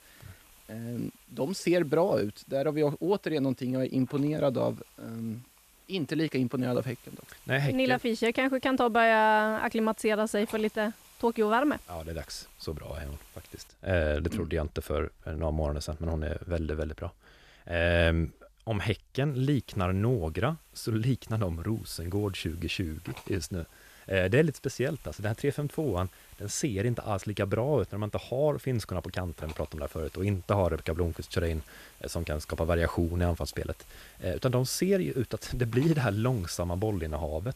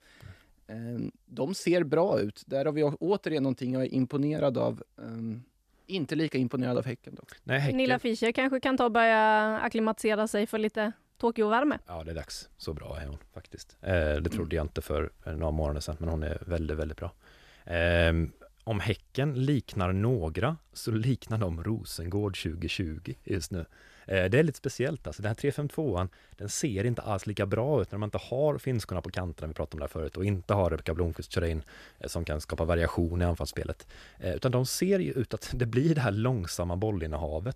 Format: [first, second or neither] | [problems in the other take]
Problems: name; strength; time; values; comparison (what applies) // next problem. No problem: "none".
second | hiss; faint; until 14 s and from 19 s on; 25 dB below the speech